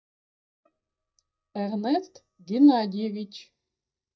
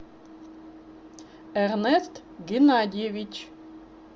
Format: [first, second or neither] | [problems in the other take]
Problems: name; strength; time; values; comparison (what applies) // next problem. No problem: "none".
second | noise reduction (neural mask model DeepFilterNet 3)